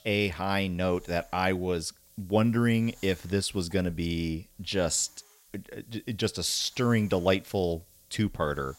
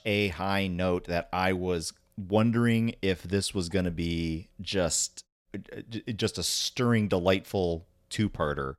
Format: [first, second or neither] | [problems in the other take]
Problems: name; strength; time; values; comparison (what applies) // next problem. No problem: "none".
second | hiss; faint; throughout; 25 dB below the speech